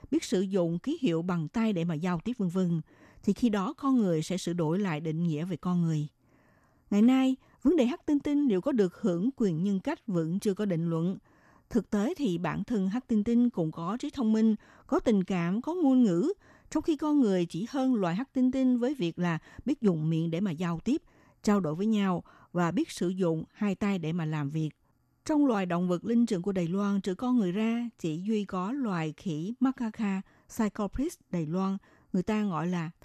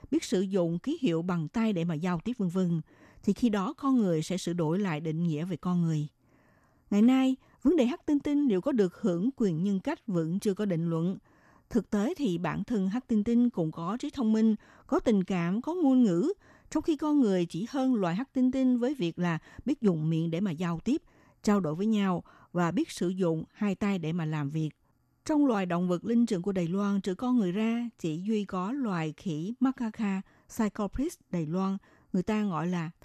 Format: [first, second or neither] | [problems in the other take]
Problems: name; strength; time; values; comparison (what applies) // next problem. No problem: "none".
neither | none